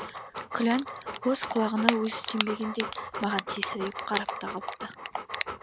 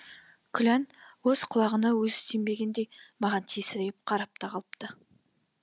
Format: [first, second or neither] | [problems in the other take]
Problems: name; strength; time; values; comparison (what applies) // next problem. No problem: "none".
second | background sound (Dog + Typing); 3 dB below the speech